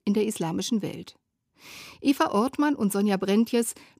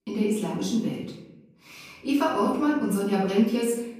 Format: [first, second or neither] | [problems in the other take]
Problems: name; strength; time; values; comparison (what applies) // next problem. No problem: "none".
first | off-mic speech; far // room echo; noticeable; dies away in 0.8 s